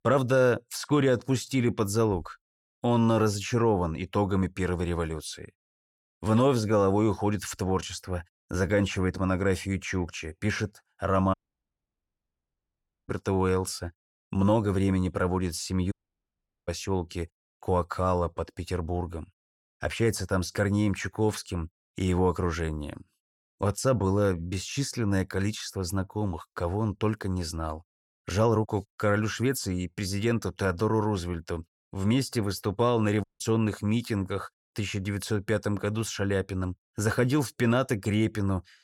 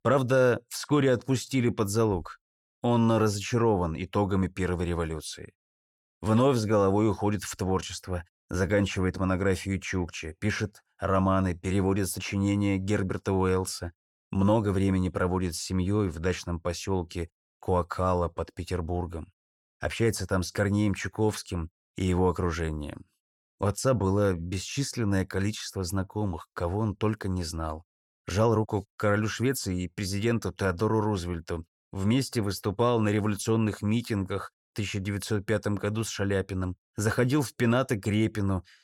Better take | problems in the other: second | audio cutting out; at 11 s for 1.5 s, at 16 s for 1 s and at 33 s

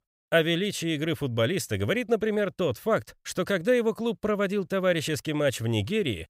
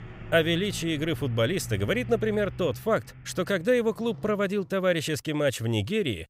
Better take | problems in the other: first | traffic noise; noticeable; until 4 s; 15 dB below the speech

